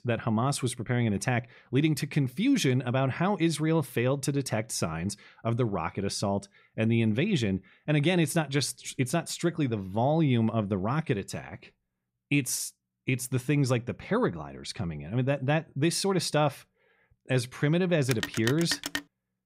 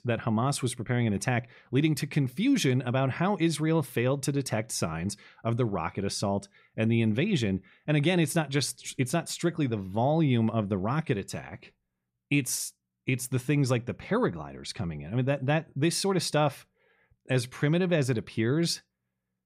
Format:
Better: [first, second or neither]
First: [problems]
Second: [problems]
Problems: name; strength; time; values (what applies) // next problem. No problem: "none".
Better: second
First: phone ringing; noticeable; at 18 s; peak 4 dB below the speech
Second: none